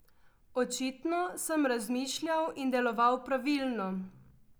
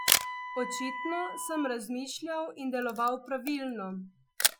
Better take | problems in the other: first | noise reduction (classical method Wiener filter)

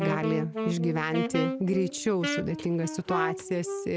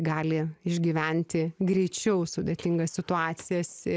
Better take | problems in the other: second | background sound (Wind instrument, woodwind instrument); 4 dB below the speech

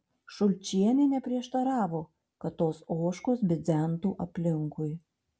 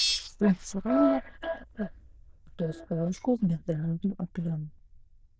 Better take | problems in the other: first | noise reduction (neural diffusion model UNIVERSE++)

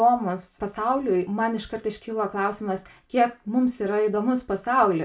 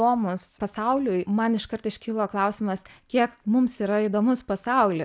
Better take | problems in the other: second | room echo; dies away in 0.2 s

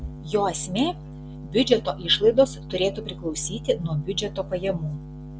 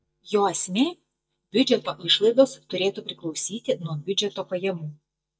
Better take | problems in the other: first | noise reduction (neural mask model DeepFilterNet 3)

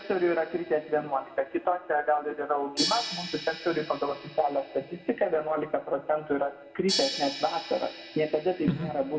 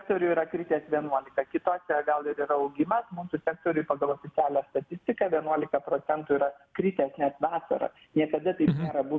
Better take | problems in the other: second | background sound (Crash cymbal); 10 dB below the speech // room echo; dies away in 0.8 s

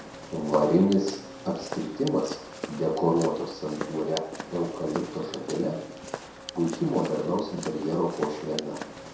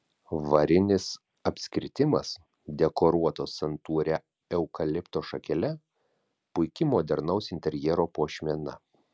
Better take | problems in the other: second | background sound (Walk, footsteps); 11 dB below the speech // room echo; dies away in 0.7 s

